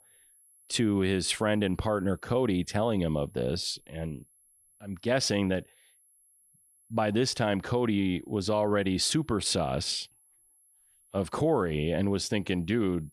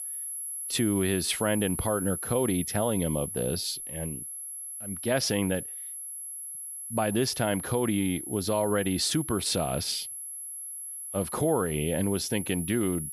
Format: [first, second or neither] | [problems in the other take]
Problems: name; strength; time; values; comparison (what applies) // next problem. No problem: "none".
first | high-pitched whine; loud; throughout; 11 kHz, 6 dB below the speech; faint in the first